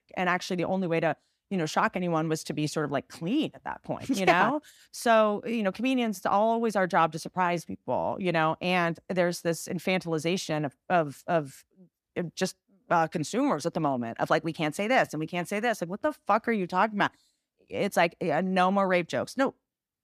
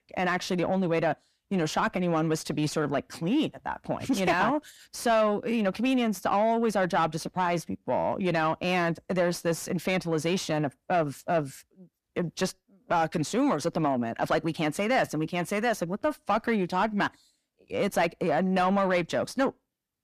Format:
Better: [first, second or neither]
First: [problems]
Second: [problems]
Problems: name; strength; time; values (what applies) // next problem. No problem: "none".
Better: first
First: none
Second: distortion; slight; 10 dB below the speech